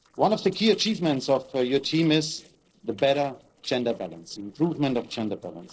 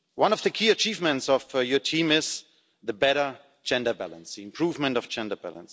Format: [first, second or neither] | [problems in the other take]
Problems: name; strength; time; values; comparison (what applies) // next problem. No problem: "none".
second | noise reduction (neural separator model SepFormer DNS4)